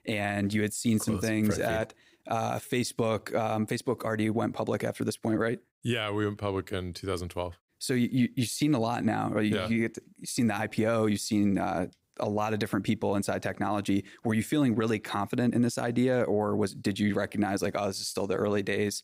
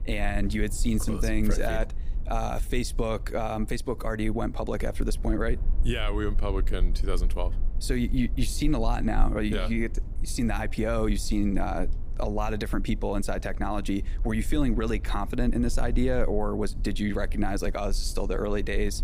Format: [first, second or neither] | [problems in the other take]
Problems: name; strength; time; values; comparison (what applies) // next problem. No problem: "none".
first | low rumble; faint; throughout; 20 dB below the speech